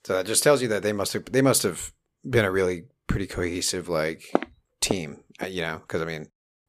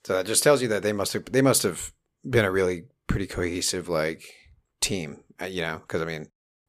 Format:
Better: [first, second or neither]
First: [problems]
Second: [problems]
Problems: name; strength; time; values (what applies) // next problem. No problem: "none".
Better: second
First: footsteps; noticeable; from 4.5 to 5.5 s; peak 4 dB below the speech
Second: none